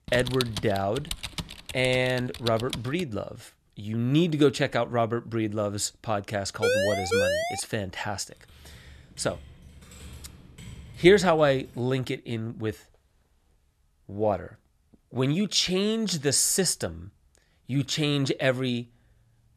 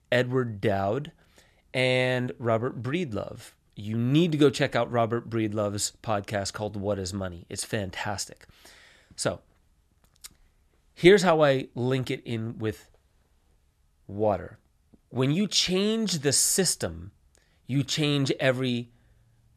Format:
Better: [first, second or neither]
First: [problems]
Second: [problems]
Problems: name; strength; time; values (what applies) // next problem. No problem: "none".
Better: second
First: keyboard typing; noticeable; until 3 s; peak 5 dB below the speech // siren; loud; at 6.5 s; peak 2 dB above the speech // keyboard typing; faint; from 8.5 to 12 s; peak 20 dB below the speech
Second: none